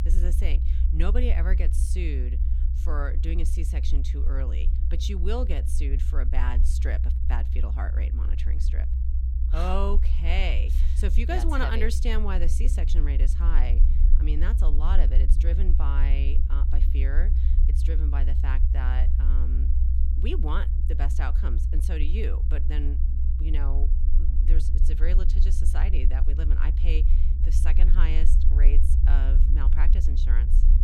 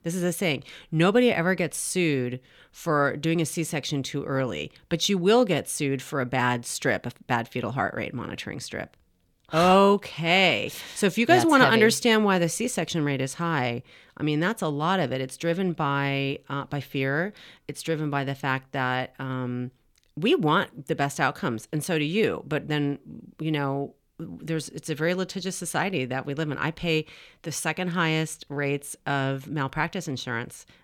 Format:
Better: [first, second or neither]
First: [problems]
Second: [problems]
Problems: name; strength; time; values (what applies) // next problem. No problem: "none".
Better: second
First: low rumble; loud; throughout; 8 dB below the speech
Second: none